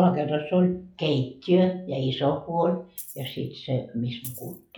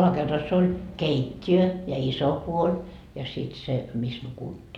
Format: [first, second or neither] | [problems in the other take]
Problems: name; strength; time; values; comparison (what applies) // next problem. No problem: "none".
second | noise reduction (classical method log-MMSE)